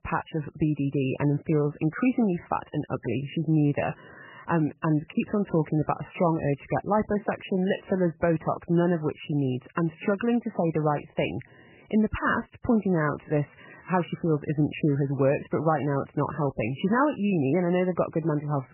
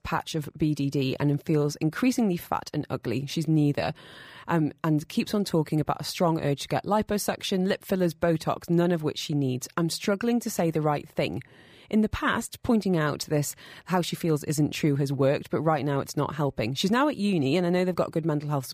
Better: second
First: garbled, watery; badly; nothing above 3 kHz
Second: none

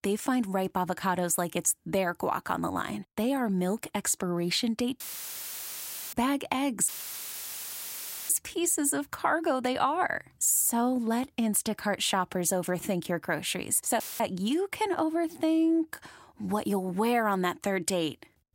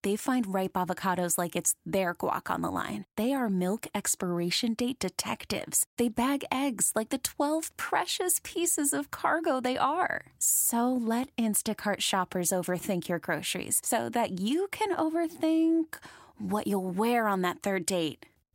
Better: second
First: audio cutting out; filled with static; at 5 s for 1 s, at 7 s for 1.5 s and at 14 s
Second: none

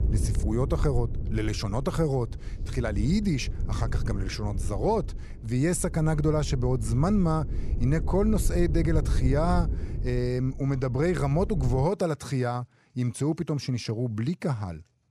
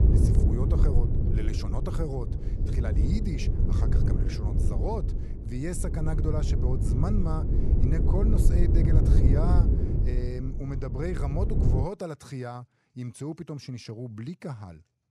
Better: first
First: wind noise on the microphone; occasional gusts; until 12 s; 15 dB below the speech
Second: wind noise on the microphone; heavy; until 12 s; 1 dB below the speech

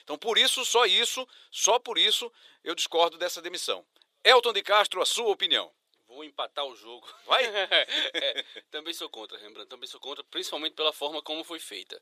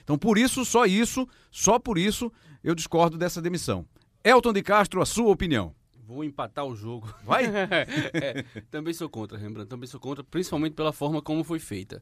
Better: second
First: thin; very; fading below 450 Hz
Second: none

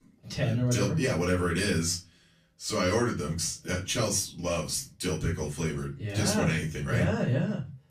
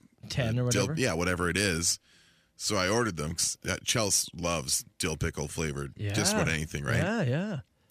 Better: second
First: off-mic speech; far // room echo; very slight; dies away in 0.3 s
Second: none

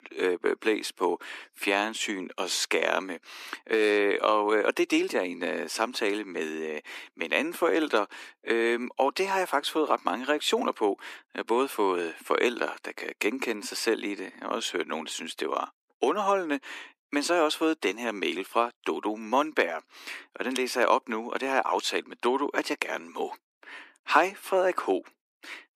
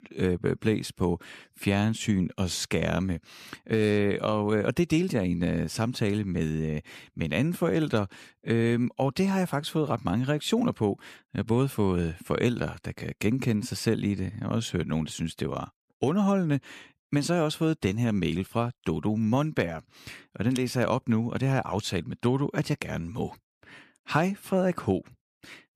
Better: second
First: thin; very; fading below 300 Hz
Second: none

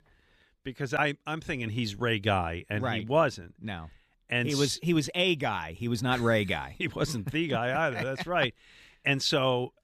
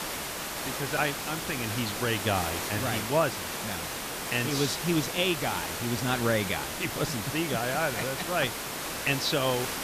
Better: first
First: none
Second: hiss; loud; throughout; 3 dB below the speech

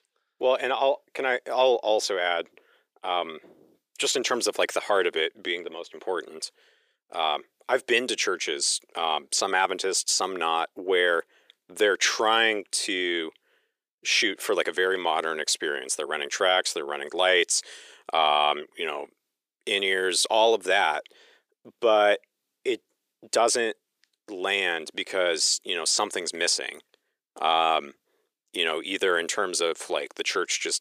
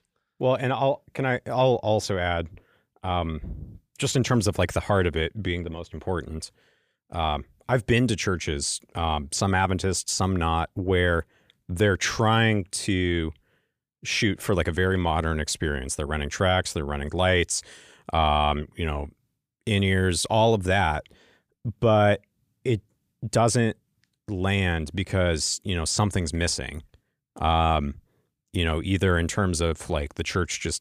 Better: second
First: thin; very; fading below 400 Hz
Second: none

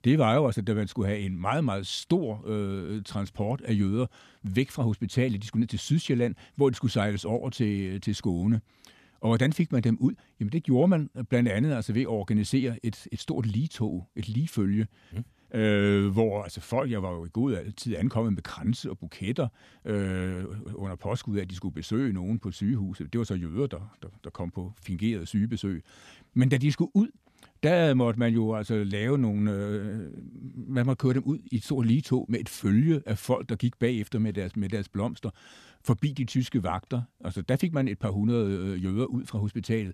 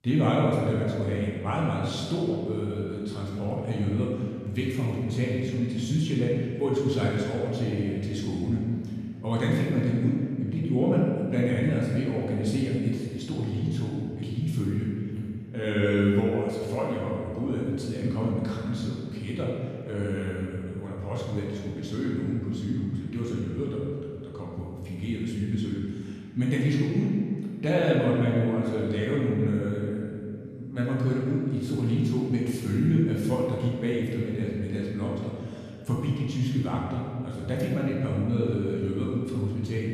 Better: first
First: none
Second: room echo; strong; dies away in 1.8 s // off-mic speech; far

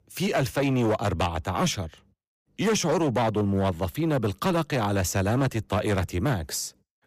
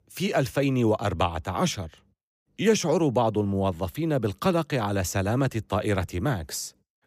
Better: second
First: distortion; slight; 11% of the sound clipped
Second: none

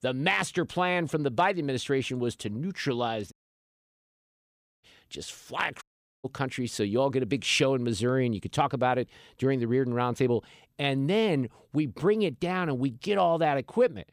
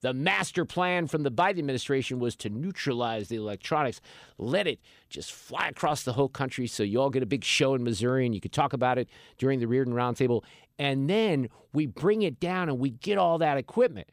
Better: second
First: audio cutting out; at 3.5 s for 1.5 s and at 6 s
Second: none

